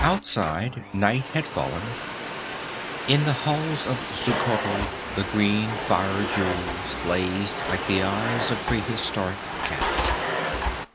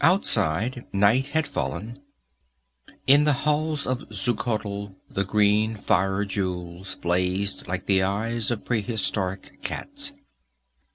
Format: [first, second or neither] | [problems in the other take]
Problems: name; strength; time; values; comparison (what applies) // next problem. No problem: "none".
second | background sound (Domestic sounds, home sounds); 3 dB below the speech